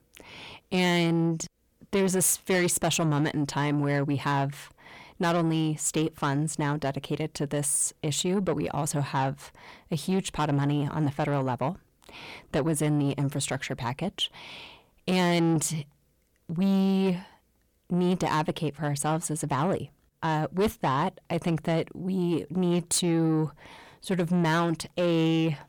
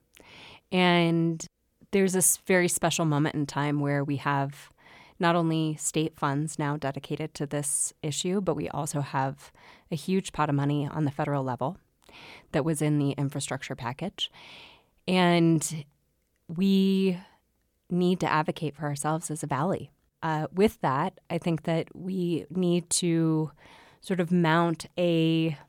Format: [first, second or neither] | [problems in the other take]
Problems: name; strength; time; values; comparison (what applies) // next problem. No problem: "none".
second | distortion; slight; 10 dB below the speech